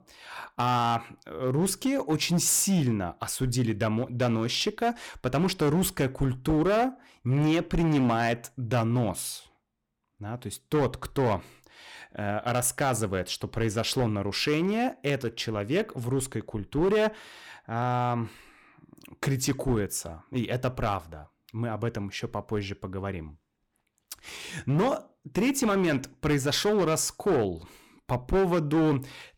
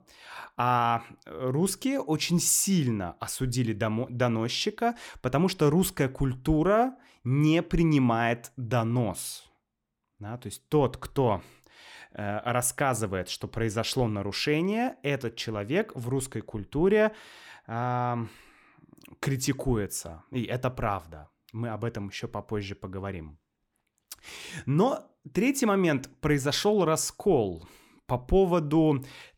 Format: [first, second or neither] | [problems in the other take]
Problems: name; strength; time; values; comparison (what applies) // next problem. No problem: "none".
second | distortion; slight; 7% of the sound clipped